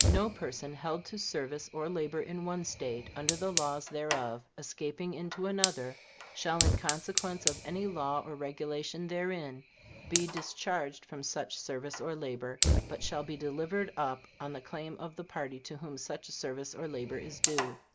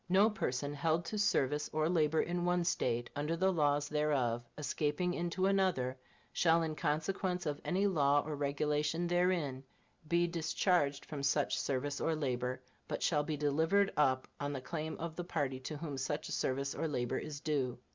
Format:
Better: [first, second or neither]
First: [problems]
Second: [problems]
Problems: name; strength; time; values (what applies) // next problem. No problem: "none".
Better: second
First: background sound (Fire); 1 dB below the speech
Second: none